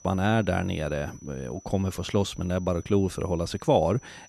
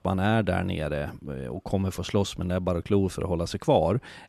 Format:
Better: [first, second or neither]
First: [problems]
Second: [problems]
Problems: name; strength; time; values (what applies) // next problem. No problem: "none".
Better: second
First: high-pitched whine; faint; throughout; 6 kHz, 25 dB below the speech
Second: none